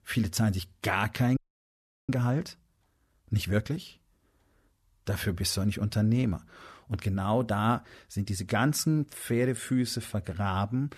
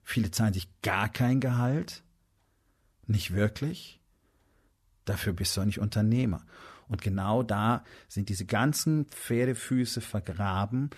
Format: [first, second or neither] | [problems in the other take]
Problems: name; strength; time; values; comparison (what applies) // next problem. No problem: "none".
second | audio freezing; at 1.5 s for 0.5 s